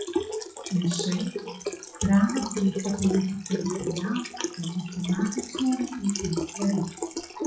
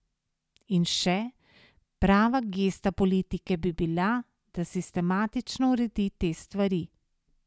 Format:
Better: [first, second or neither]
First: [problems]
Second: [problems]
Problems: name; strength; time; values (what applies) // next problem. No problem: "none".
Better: second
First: noise reduction (classical method WPE with log-MMSE)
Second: none